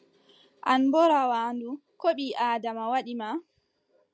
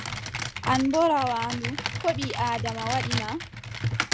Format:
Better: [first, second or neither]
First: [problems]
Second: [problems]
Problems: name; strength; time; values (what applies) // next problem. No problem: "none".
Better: first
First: none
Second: background sound (Computer keyboard); 3 dB below the speech